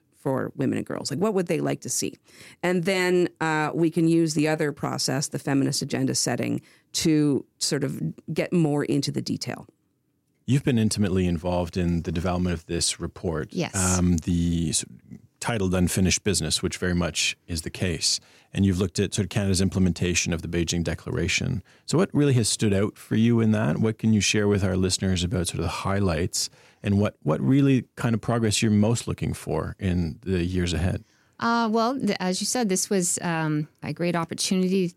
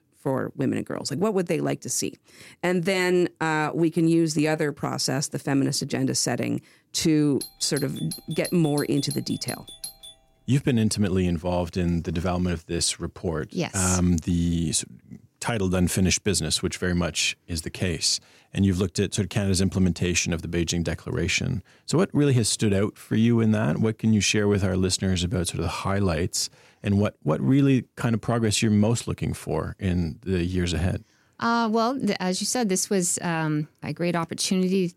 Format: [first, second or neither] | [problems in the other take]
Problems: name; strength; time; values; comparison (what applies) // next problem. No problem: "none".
first | doorbell; faint; from 7.5 to 10 s; peak 10 dB below the speech